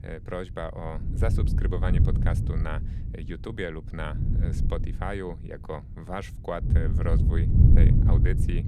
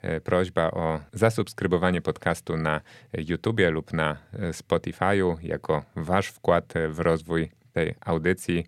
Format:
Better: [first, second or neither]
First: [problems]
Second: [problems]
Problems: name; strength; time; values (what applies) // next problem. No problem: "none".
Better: second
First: wind noise on the microphone; heavy; 2 dB below the speech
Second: none